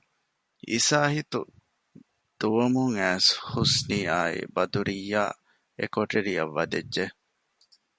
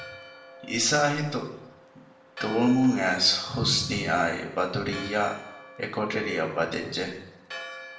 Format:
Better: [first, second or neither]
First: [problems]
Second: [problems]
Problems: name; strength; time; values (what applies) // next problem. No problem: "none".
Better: first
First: none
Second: background sound (Church bell); 17 dB below the speech // room echo; dies away in 0.8 s